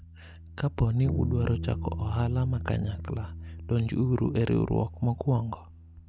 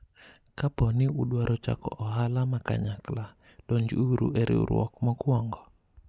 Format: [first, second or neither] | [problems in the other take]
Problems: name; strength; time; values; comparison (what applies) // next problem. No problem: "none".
second | background sound (Bass guitar); 8 dB below the speech